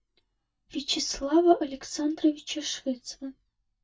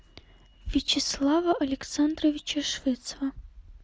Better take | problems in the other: second | noise reduction (neural mask model DeepFilterNet 3)

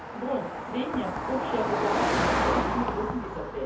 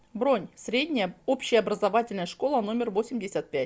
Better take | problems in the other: second | background sound (Car passing by); 3 dB above the speech // room echo; dies away in 0.5 s

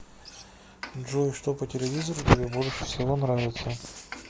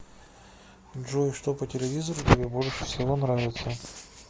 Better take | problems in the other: second | background sound (Frying (food)); 20 dB below the speech

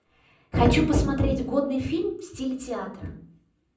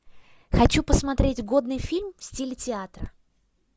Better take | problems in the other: second | room echo; dies away in 0.6 s

